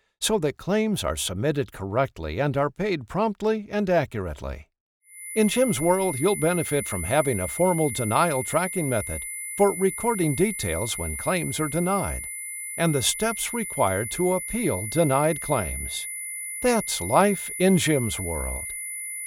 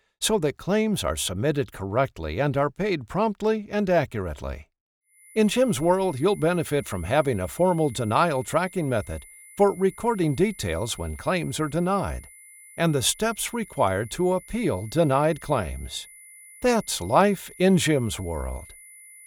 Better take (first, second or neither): second